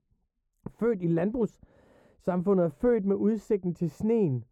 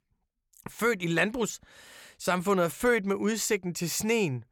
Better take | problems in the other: second | muffled; very; fading above 1 kHz

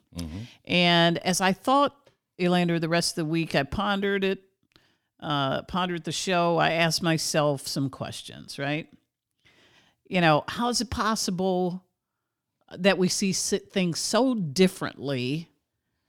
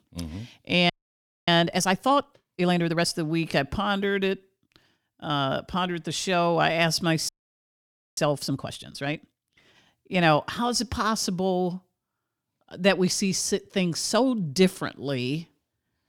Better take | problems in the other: first | audio freezing; at 1 s for 0.5 s and at 7.5 s for 1 s

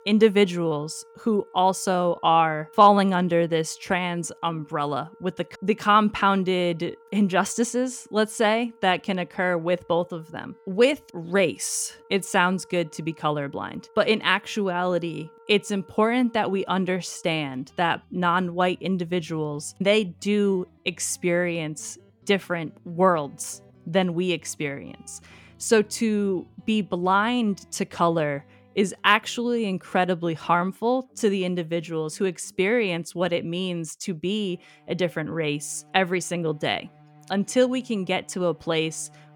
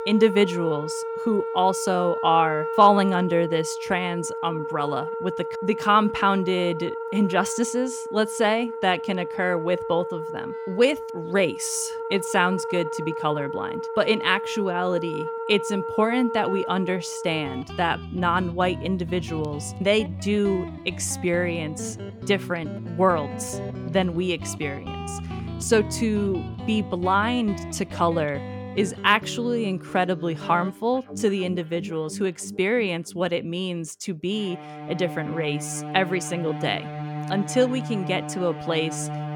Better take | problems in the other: first | background music; loud; throughout; 8 dB below the speech; faint in the first

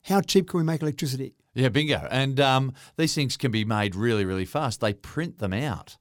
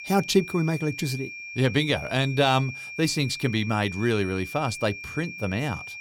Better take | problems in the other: first | high-pitched whine; noticeable; throughout; 2.5 kHz, 10 dB below the speech

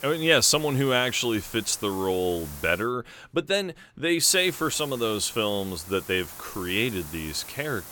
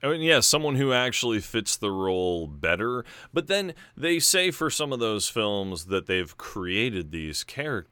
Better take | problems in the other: second | hiss; noticeable; until 3 s and from 4.5 s on; 15 dB below the speech

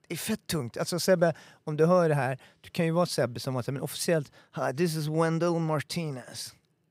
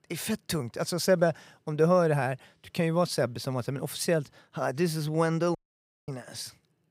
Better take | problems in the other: first | audio cutting out; at 5.5 s for 0.5 s

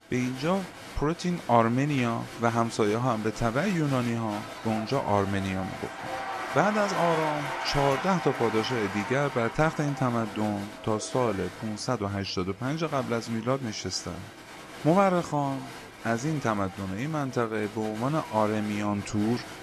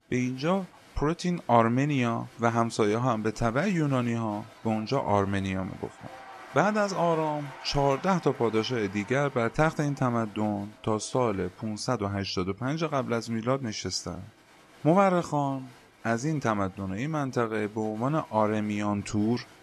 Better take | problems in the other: second | crowd noise; loud; throughout; 10 dB below the speech; faint in the second

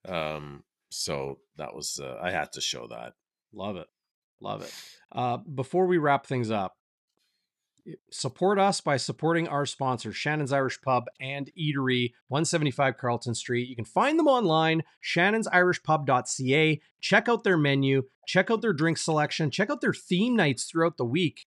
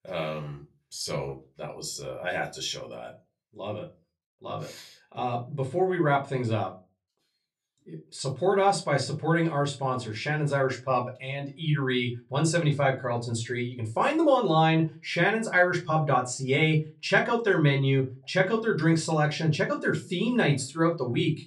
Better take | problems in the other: first | off-mic speech; somewhat distant // room echo; very slight; dies away in 0.2 s

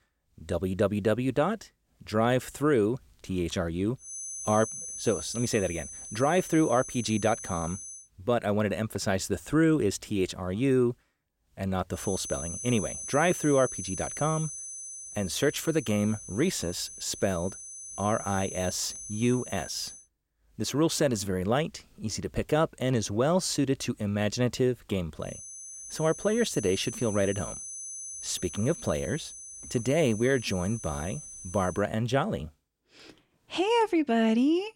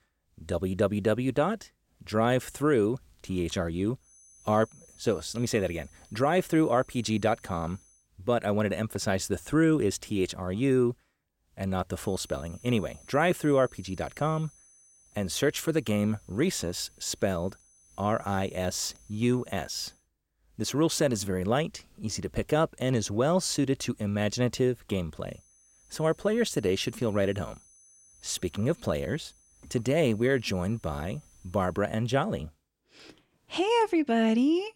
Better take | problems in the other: second | high-pitched whine; loud; from 4 to 8 s, from 12 to 20 s and from 25 to 32 s; 6 kHz, 10 dB below the speech; faint in the second

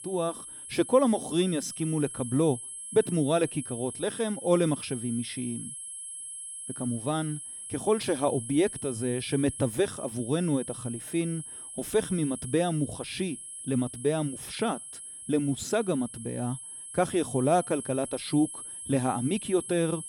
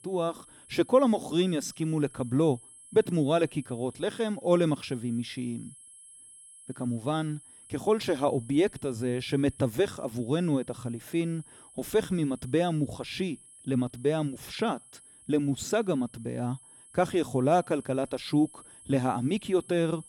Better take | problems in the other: second | high-pitched whine; loud; throughout; 10.5 kHz, 9 dB below the speech; faint in the second

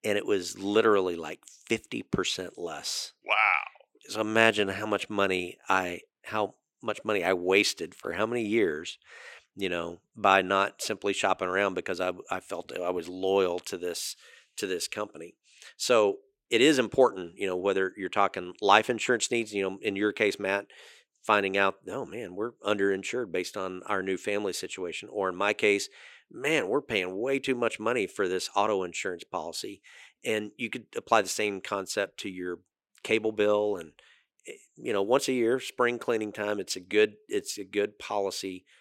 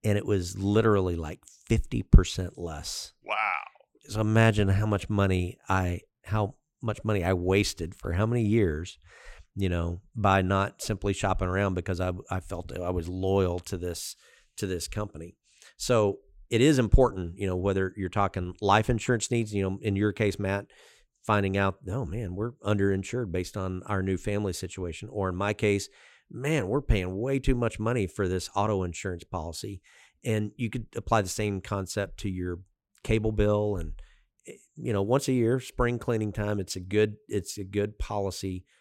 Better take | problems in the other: second | thin; somewhat; fading below 350 Hz

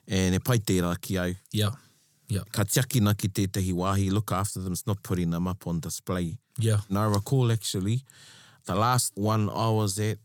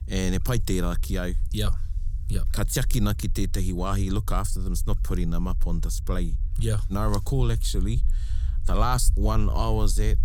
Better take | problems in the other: first | low rumble; faint; throughout; 20 dB below the speech

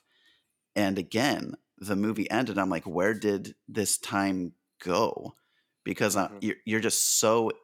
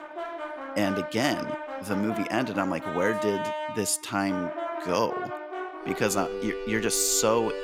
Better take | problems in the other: first | background music; loud; throughout; 7 dB below the speech

